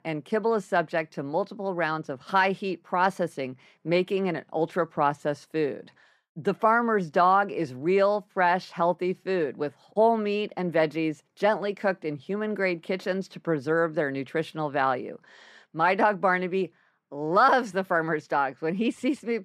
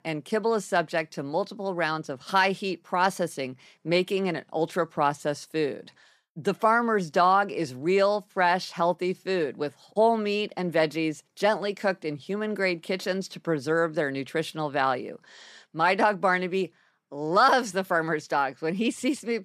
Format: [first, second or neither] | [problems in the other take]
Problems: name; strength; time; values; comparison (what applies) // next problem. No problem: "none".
second | muffled; slightly; fading above 3 kHz